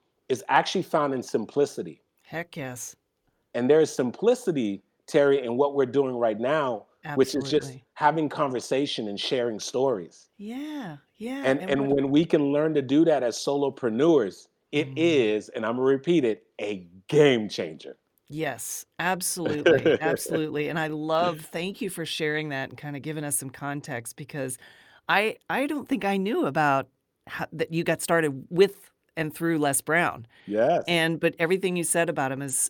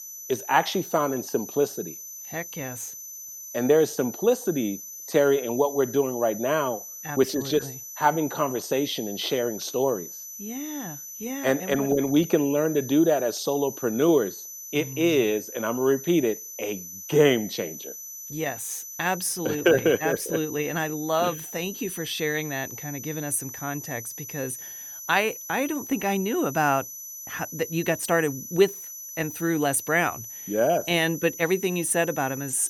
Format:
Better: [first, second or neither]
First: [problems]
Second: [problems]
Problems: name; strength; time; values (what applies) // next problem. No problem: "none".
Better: first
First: none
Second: high-pitched whine; noticeable; throughout; 6 kHz, 10 dB below the speech